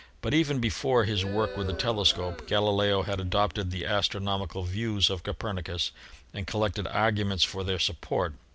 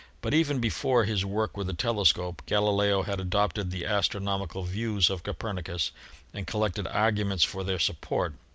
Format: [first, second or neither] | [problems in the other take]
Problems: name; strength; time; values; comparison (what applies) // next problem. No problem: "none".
second | background sound (Crowd); 14 dB below the speech